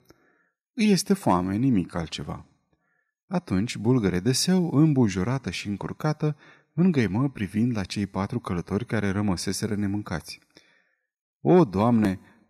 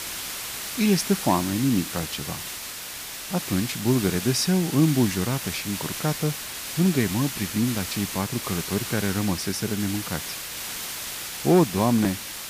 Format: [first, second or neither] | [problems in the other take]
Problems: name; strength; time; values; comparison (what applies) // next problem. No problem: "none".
first | hiss; loud; throughout; 6 dB below the speech